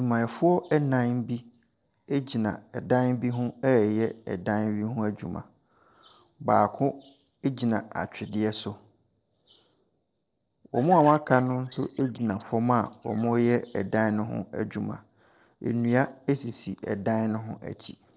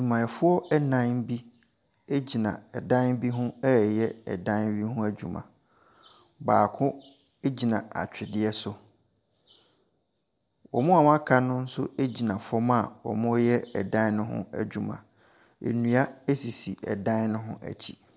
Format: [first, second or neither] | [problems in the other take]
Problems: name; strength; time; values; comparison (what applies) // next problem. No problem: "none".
second | noise reduction (neural separator model SepFormer DNS4)